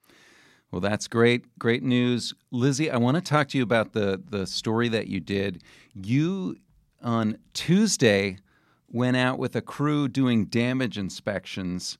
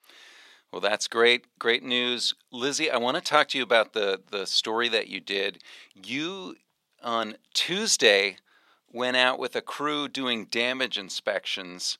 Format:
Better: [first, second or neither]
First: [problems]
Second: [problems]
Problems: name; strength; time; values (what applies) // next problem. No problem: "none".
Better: first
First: none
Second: thin; very; fading below 550 Hz